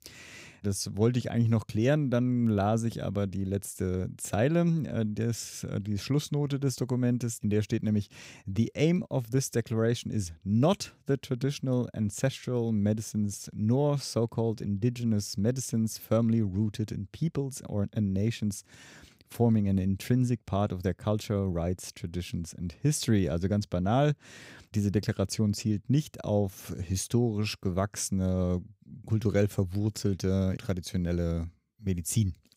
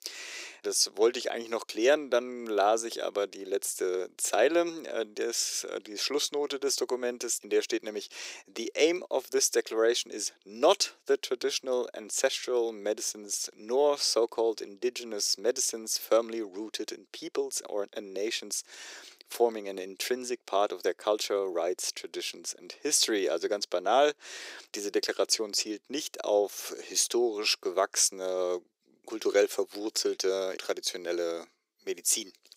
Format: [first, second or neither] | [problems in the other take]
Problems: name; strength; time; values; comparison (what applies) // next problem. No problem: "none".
first | thin; very; fading below 350 Hz